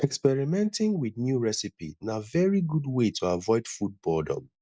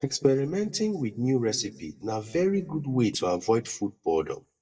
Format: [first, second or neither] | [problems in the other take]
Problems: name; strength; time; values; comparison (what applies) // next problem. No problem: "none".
first | noise reduction (neural mask model DeepFilterNet 3)